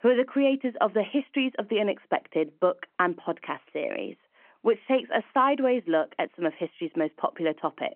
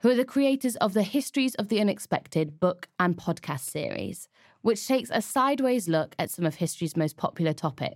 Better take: second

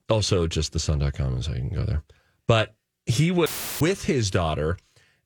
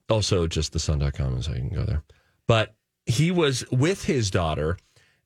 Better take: second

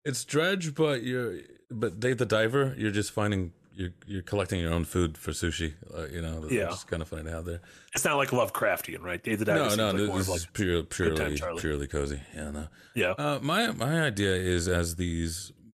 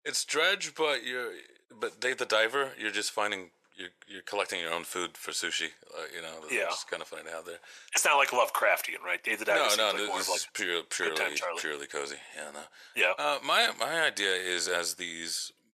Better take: first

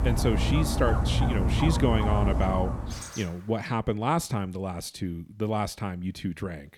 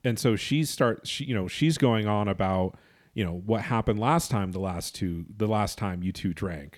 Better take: second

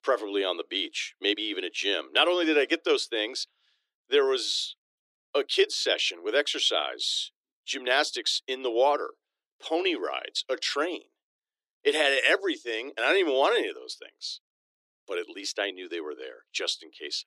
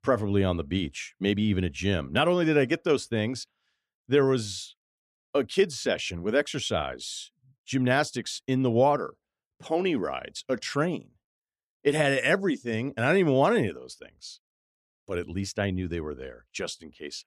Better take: second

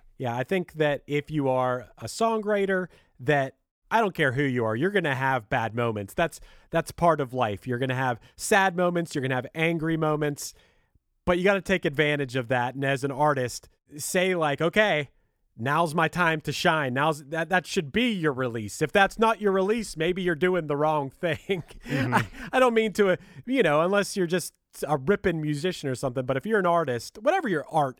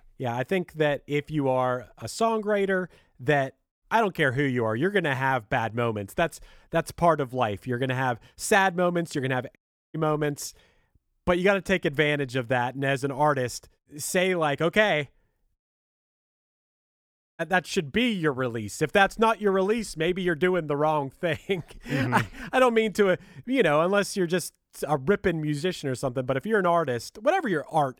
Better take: first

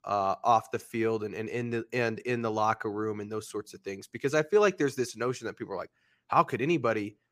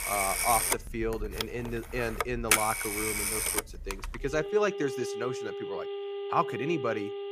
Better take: first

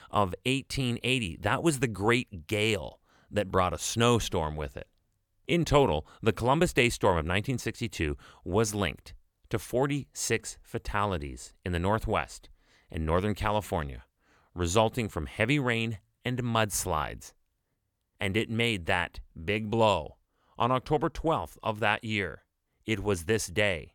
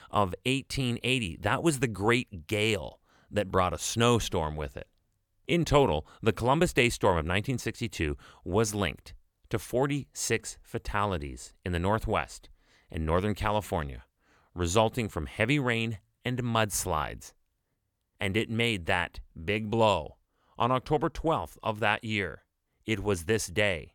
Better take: neither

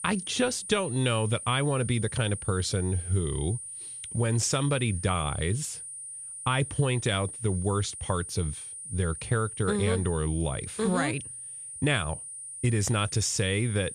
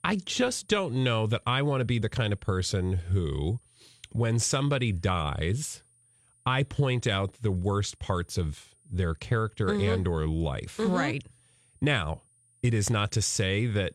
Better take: second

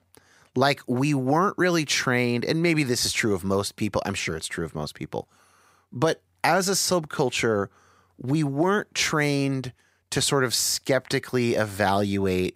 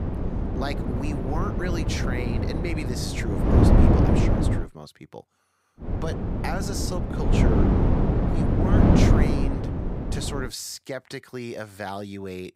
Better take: first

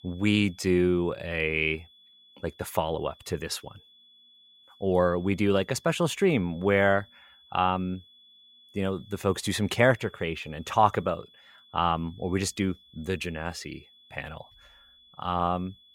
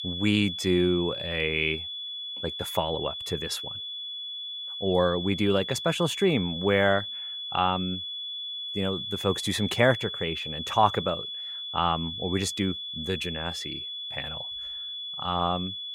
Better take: first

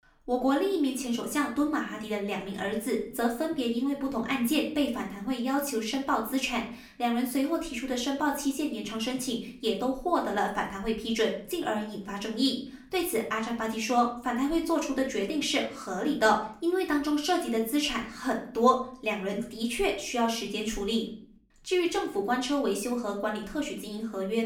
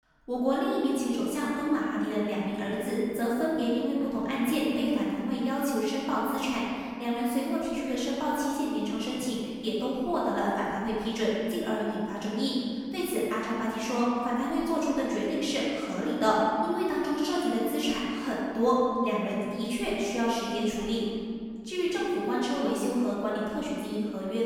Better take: first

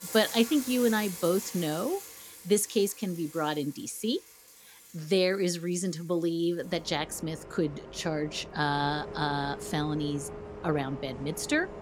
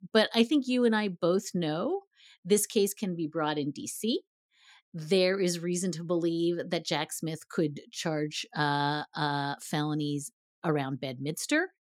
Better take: second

